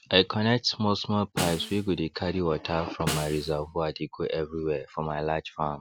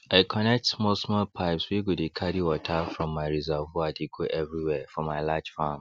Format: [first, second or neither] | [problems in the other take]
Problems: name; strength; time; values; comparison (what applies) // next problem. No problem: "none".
second | background sound (Snare drum); 10 dB below the speech